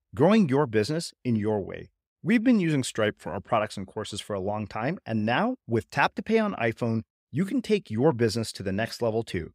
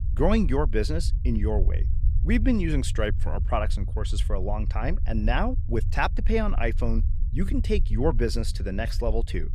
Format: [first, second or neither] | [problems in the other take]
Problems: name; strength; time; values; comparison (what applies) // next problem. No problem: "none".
first | low rumble; noticeable; throughout; 20 dB below the speech